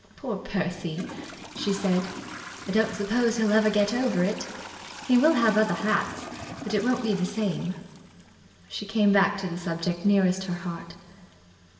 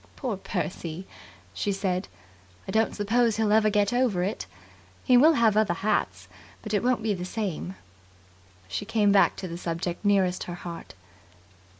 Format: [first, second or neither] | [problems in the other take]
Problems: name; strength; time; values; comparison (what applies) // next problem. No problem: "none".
second | background sound (Trickle, dribble / Toilet flush); 16 dB below the speech // room echo; dies away in 2.4 s